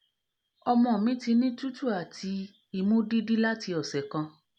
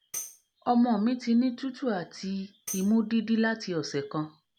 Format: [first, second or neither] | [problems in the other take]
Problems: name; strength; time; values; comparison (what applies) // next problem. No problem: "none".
first | background sound (Tambourine); 16 dB below the speech